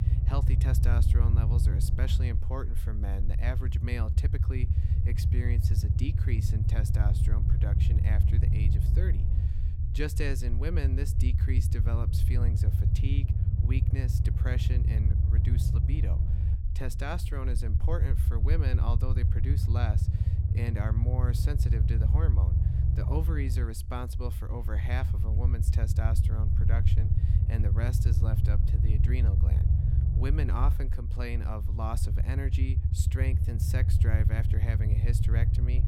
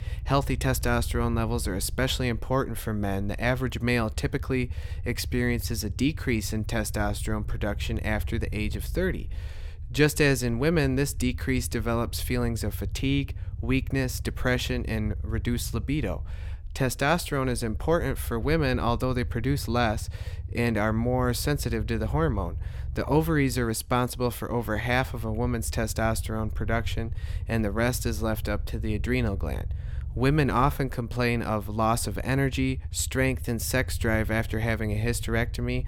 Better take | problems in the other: second | low rumble; loud; throughout; 1 dB below the speech; faint in the second

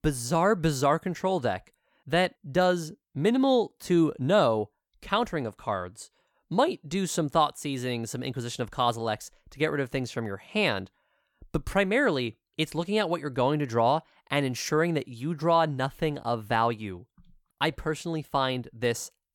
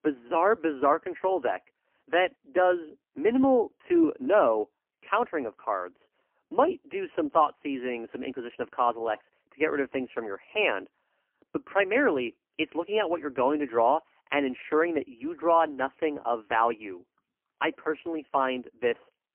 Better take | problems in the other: first | phone-call audio; poor line; nothing above 3 kHz

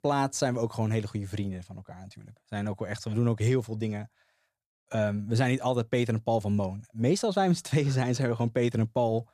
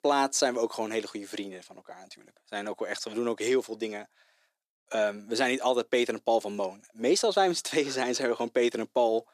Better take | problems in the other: first | thin; somewhat; fading below 300 Hz

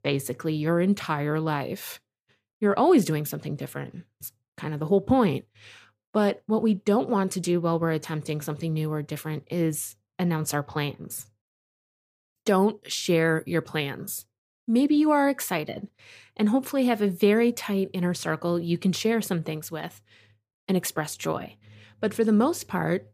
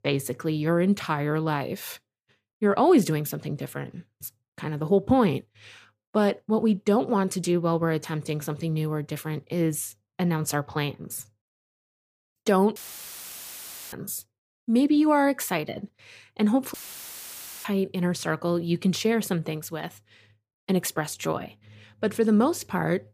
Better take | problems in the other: first | audio cutting out; filled with static; at 13 s for 1 s and at 17 s for 1 s

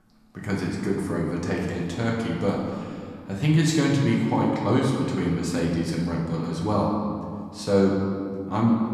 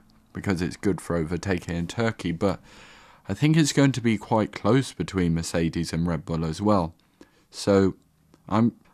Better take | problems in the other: second | room echo; noticeable; dies away in 1.9 s // off-mic speech; far

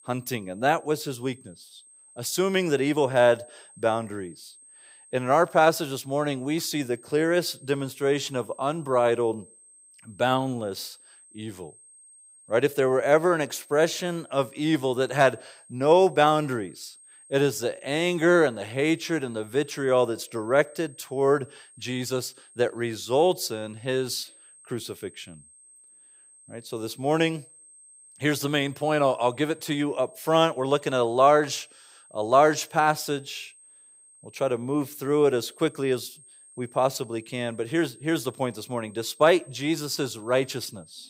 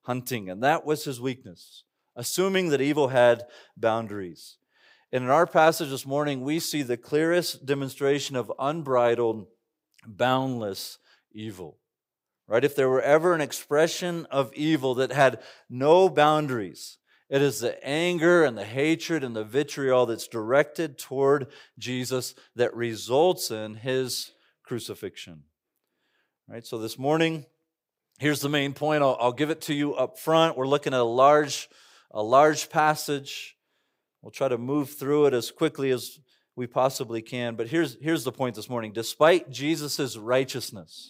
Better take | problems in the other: second | high-pitched whine; faint; throughout; 8.5 kHz, 25 dB below the speech

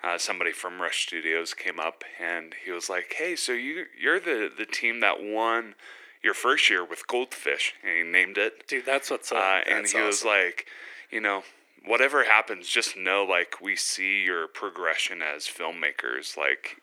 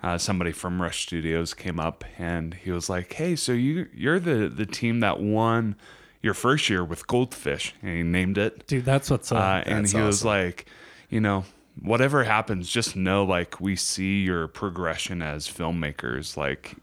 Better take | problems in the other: second | thin; very; fading below 350 Hz

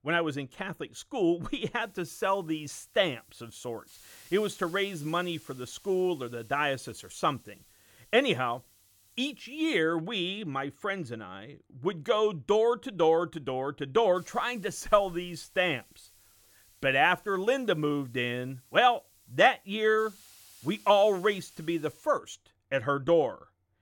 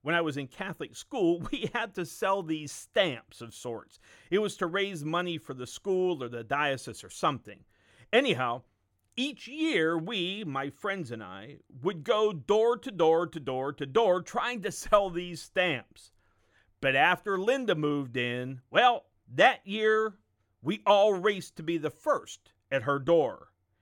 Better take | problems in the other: second | hiss; faint; from 2 to 10 s and from 14 to 22 s; 25 dB below the speech

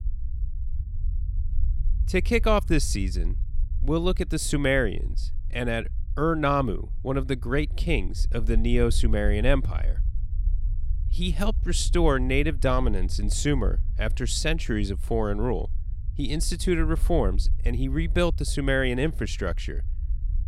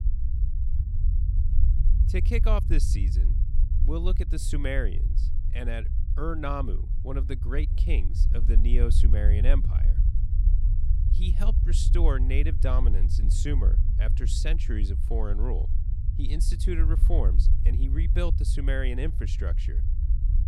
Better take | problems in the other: first | low rumble; loud; throughout; 9 dB below the speech; faint in the first

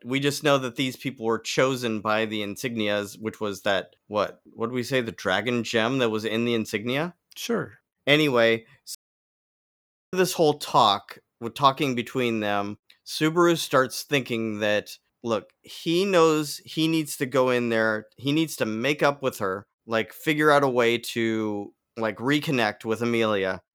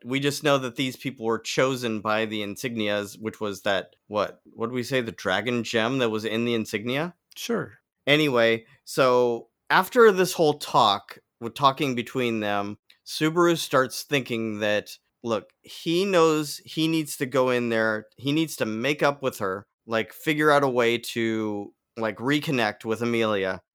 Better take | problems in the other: second | audio cutting out; at 9 s for 1 s

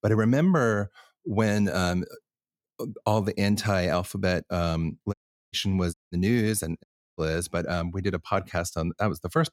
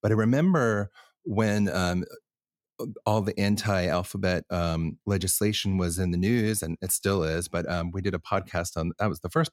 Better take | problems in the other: second | audio cutting out; at 5 s, at 6 s and at 7 s

